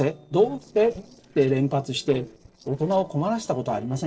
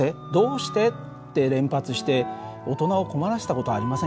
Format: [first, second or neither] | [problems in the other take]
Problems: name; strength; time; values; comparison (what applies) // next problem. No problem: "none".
second | noise reduction (neural separator model SepFormer DNS4)